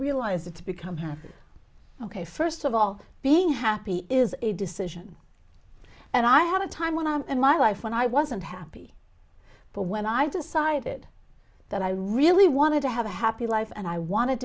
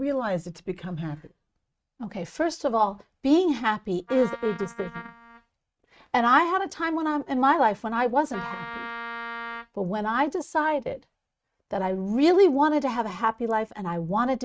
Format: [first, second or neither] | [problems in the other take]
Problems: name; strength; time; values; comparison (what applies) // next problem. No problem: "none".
first | noise reduction (neural mask model RNNoise)